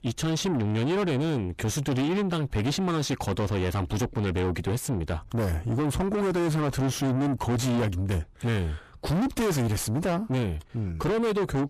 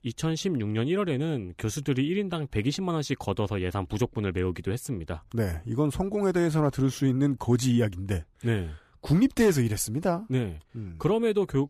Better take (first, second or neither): second